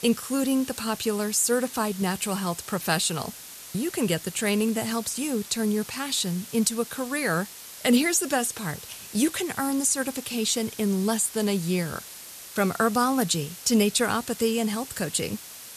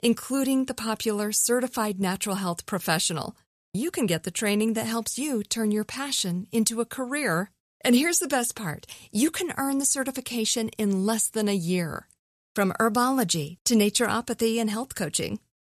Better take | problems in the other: second | hiss; noticeable; throughout; 15 dB below the speech

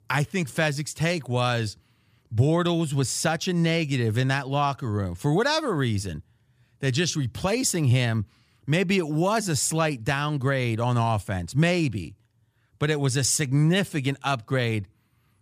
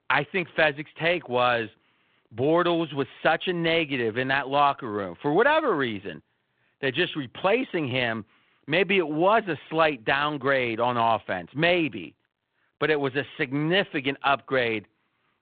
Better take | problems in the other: first | phone-call audio; nothing above 3.5 kHz

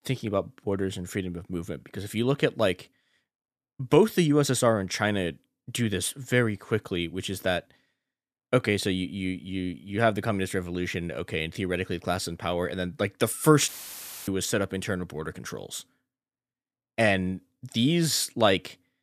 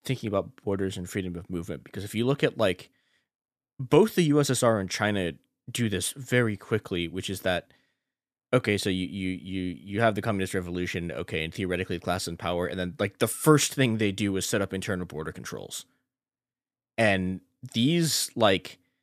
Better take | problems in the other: second | audio cutting out; filled with static; at 14 s for 0.5 s

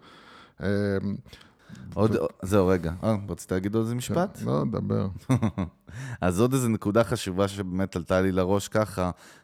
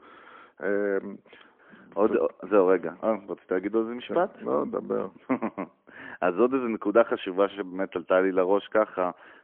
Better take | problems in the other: first | phone-call audio; poor line; nothing above 3.5 kHz

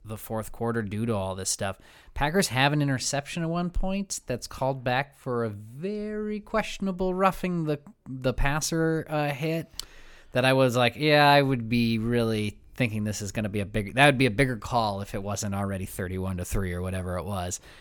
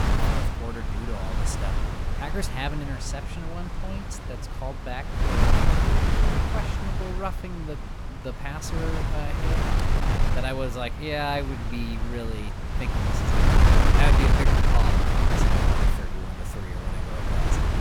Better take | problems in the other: first | wind noise on the microphone; heavy; 3 dB above the speech

